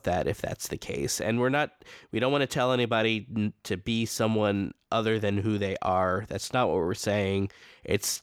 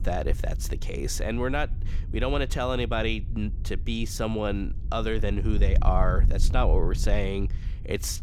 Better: first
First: none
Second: low rumble; noticeable; throughout; 20 dB below the speech

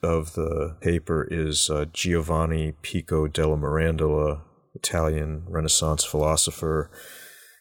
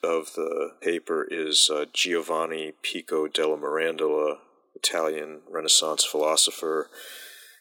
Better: first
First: none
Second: thin; very; fading below 250 Hz

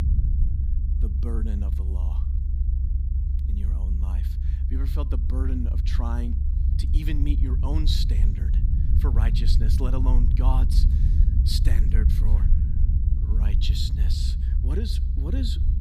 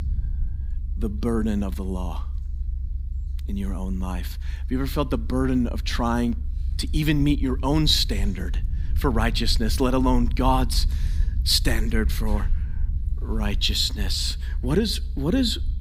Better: second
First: low rumble; loud; throughout; 5 dB below the speech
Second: low rumble; faint; throughout; 20 dB below the speech

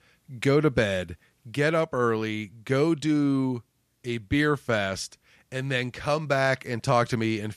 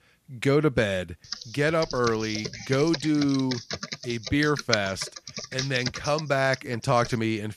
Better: first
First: none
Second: keyboard typing; noticeable; from 1.5 to 7 s; peak 3 dB below the speech

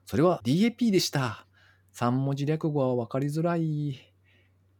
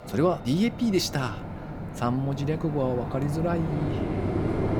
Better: first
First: none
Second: train or aircraft noise; loud; throughout; 5 dB below the speech

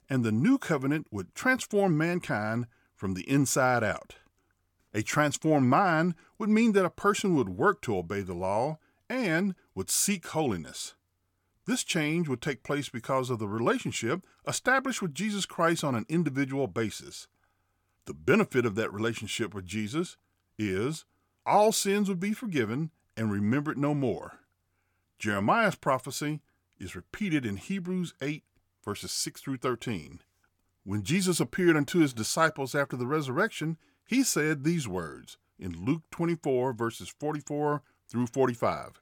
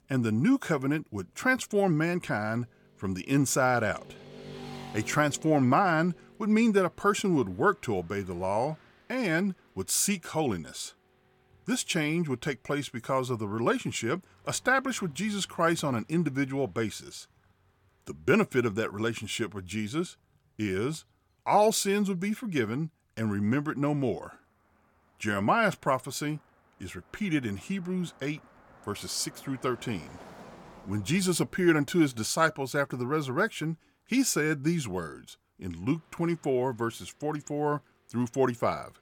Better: first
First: none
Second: traffic noise; faint; throughout; 25 dB below the speech

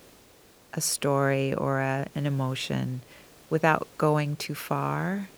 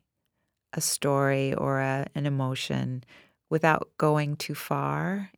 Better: second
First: hiss; faint; throughout; 25 dB below the speech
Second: none

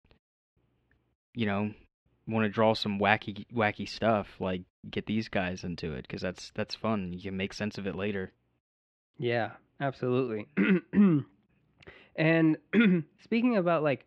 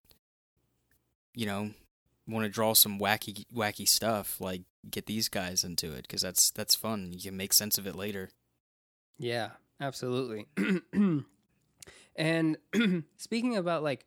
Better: second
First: muffled; very; fading above 3 kHz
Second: none

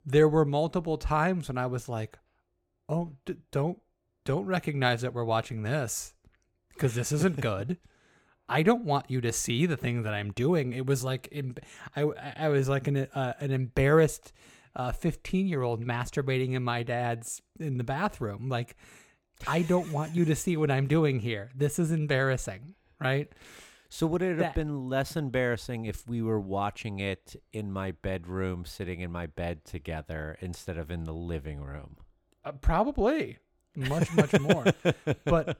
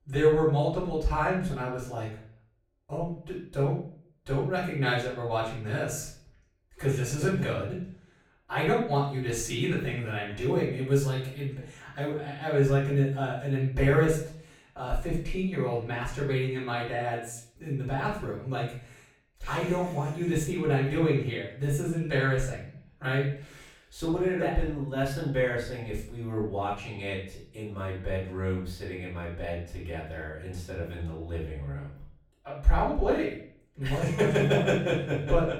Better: first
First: none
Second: off-mic speech; far // room echo; noticeable; dies away in 0.5 s

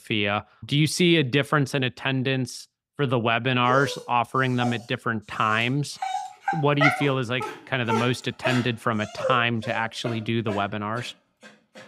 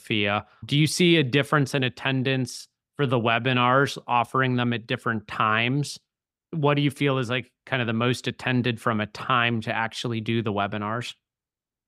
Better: second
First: dog barking; loud; from 3.5 to 11 s; peak 2 dB above the speech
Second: none

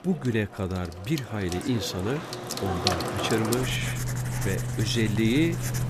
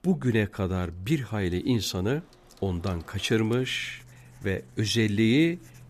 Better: second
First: household noises; loud; throughout; 2 dB below the speech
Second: household noises; faint; throughout; 25 dB below the speech

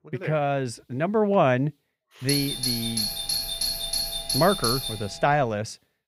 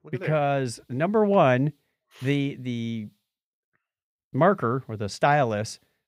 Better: second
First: doorbell; loud; from 2.5 to 5.5 s; peak 1 dB above the speech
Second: none

